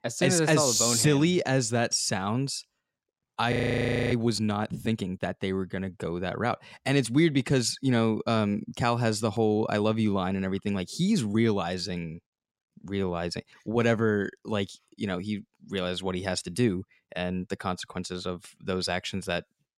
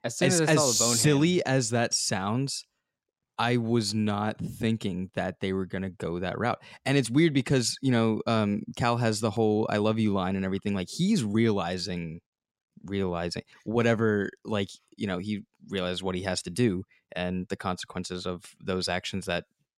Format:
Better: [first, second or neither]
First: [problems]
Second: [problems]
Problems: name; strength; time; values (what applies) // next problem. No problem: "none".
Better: second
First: audio freezing; at 3.5 s for 0.5 s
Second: none